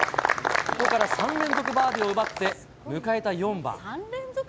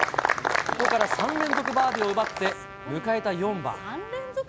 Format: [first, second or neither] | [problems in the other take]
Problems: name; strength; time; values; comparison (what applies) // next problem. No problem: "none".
first | background sound (Trumpet); 17 dB below the speech